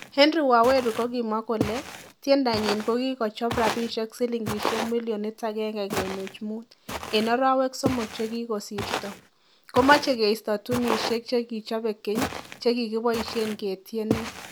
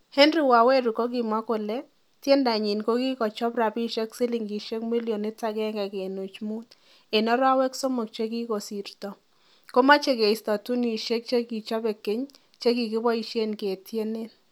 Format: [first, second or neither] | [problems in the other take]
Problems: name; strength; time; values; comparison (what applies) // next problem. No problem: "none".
second | background sound (Walk, footsteps); 8 dB below the speech